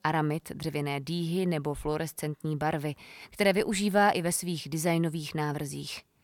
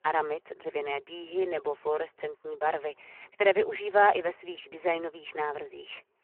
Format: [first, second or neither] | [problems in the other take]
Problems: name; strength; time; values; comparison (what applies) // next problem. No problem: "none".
first | phone-call audio; poor line